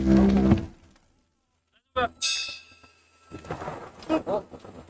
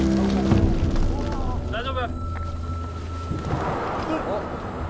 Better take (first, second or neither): second